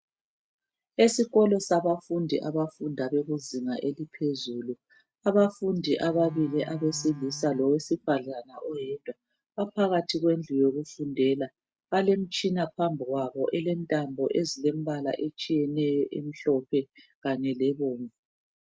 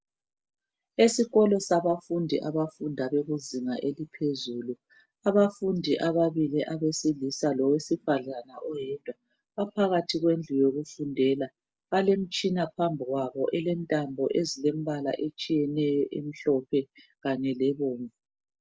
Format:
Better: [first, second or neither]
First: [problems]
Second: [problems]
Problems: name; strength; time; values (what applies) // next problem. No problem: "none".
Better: second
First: noise reduction (neural mask model RNNoise)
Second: none